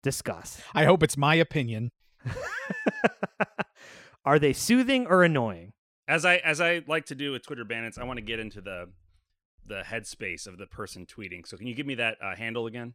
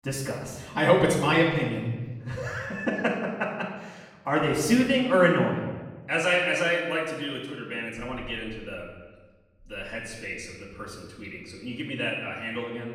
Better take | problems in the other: first | room echo; noticeable; dies away in 1.1 s // off-mic speech; far

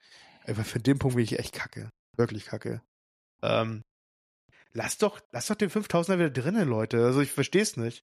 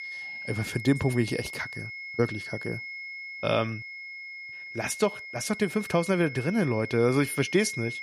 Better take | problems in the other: first | high-pitched whine; loud; throughout; 2 kHz, 9 dB below the speech

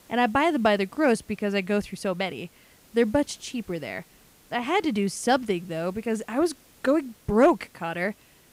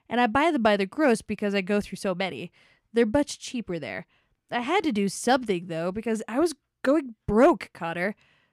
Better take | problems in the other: second | hiss; faint; throughout; 30 dB below the speech

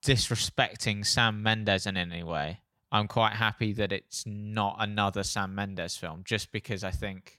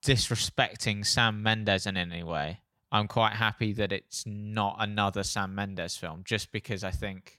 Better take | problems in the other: neither | none

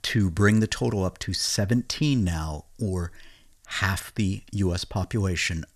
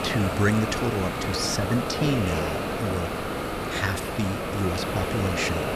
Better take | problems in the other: first | hiss; loud; throughout; 1 dB below the speech

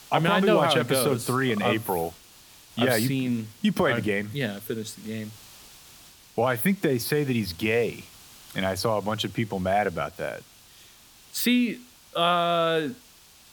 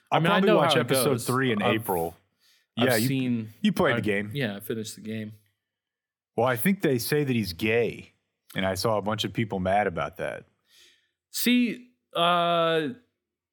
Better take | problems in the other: second | hiss; faint; throughout; 25 dB below the speech

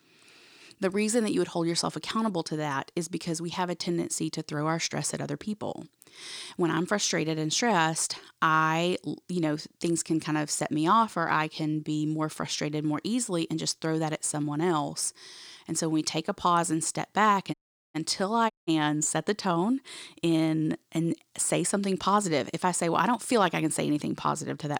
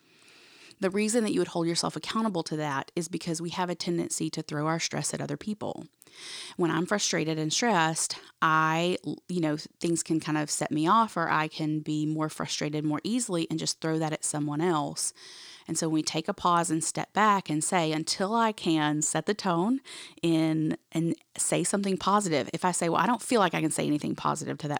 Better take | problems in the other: second | audio cutting out; at 18 s and at 19 s

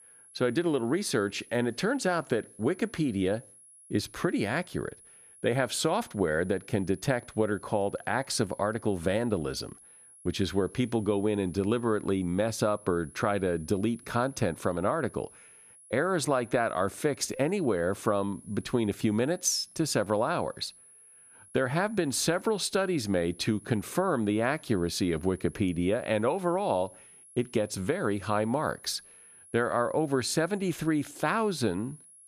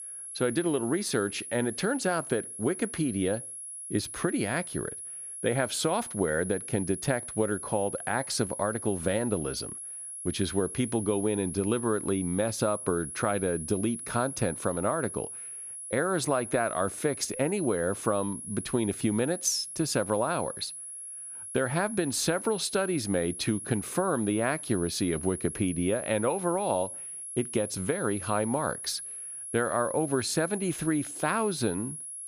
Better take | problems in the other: first | high-pitched whine; loud; throughout; 10.5 kHz, 8 dB below the speech; faint in the first

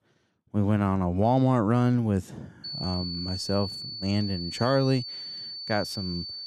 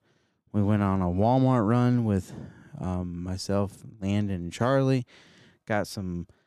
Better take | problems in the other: second | high-pitched whine; loud; from 2.5 s on; 4.5 kHz, 8 dB below the speech

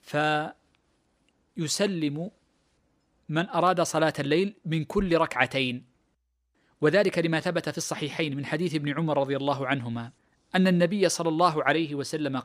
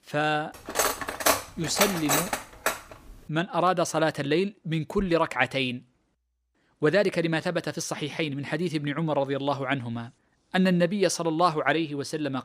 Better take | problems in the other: first | clattering dishes; loud; from 0.5 to 2.5 s; peak 3 dB above the speech

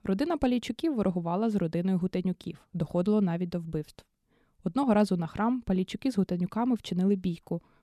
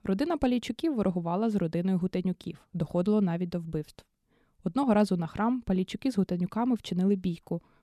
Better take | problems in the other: neither | none

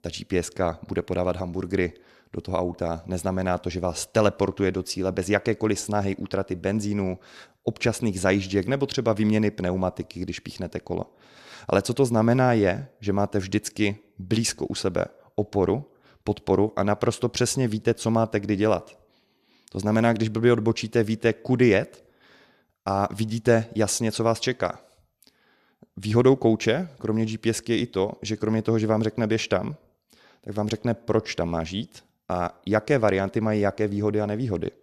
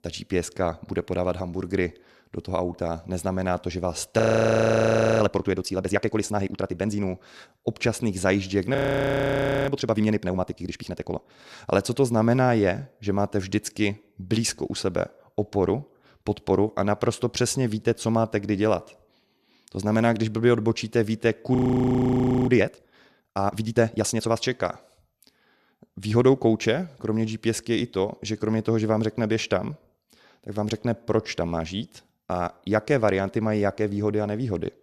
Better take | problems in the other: first | audio freezing; at 4 s for 1 s, at 9 s for 1 s and at 22 s for 1 s

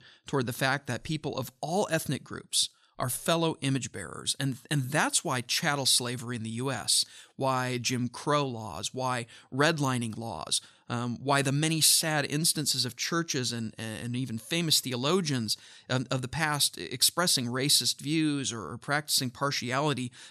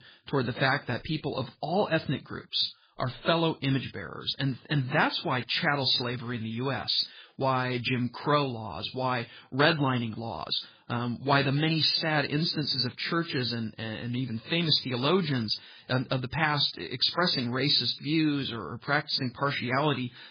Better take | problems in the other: first | garbled, watery; badly; nothing above 4.5 kHz

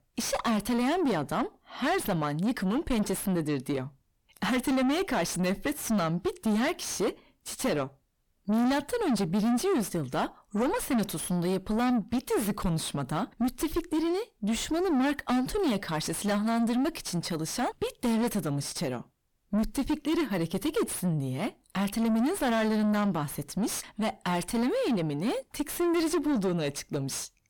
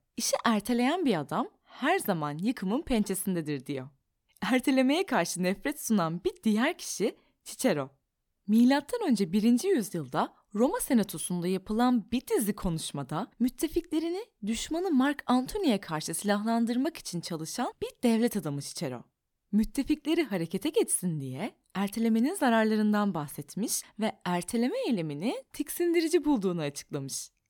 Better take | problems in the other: second | distortion; heavy; 5 dB below the speech

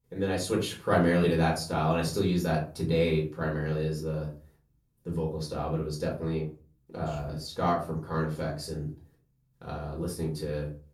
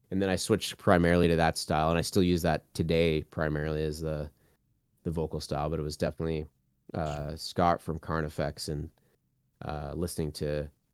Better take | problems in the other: second | off-mic speech; far // room echo; slight; dies away in 0.3 s

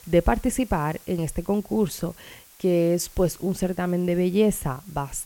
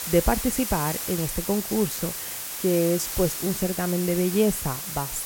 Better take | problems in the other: first | hiss; loud; throughout; 4 dB below the speech; faint in the first

